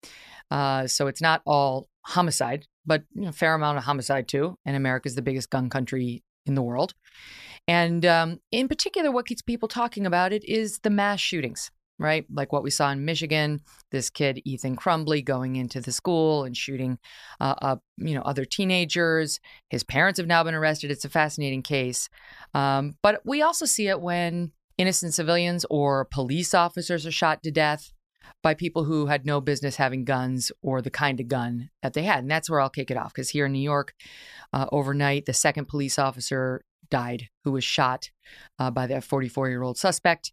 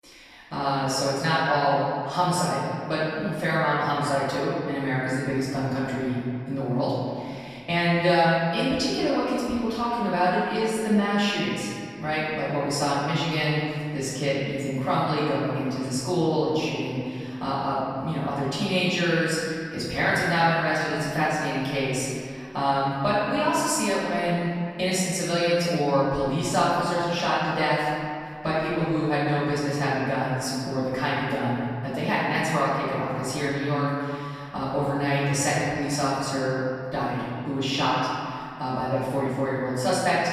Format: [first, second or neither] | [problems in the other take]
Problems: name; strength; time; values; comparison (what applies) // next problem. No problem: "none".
first | room echo; strong; dies away in 2.1 s // off-mic speech; far